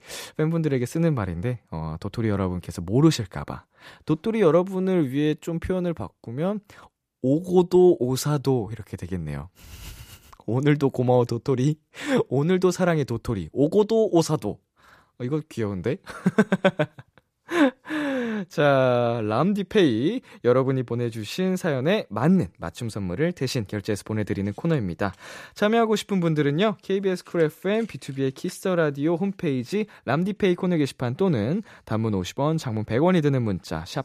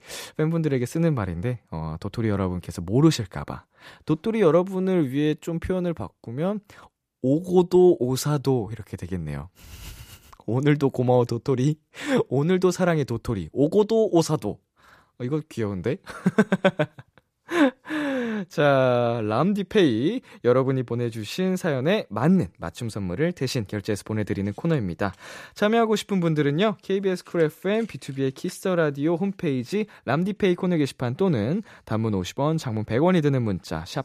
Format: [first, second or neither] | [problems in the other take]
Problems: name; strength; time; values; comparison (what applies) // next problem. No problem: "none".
neither | none